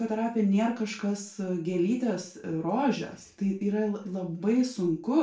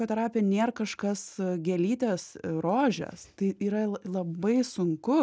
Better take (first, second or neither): second